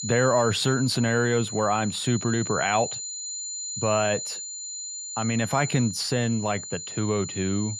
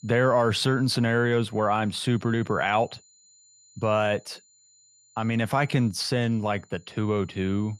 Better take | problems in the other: second | high-pitched whine; loud; throughout; 7 kHz, 7 dB below the speech; faint in the second

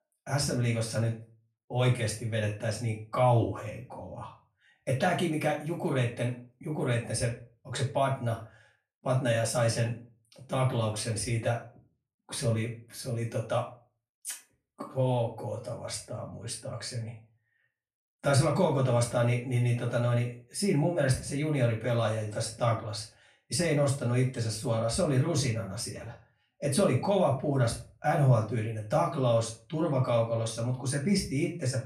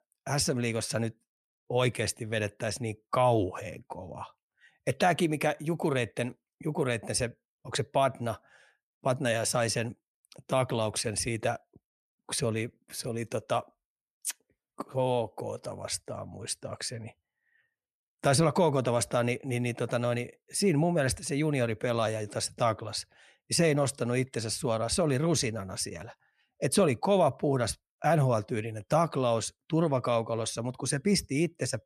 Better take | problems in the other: second | off-mic speech; far // room echo; slight; dies away in 0.3 s

